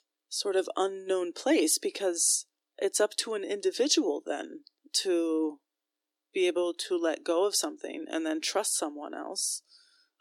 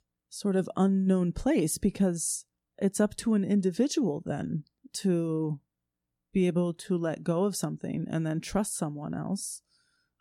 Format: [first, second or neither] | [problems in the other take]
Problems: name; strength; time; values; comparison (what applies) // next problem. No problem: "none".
second | thin; very; fading below 300 Hz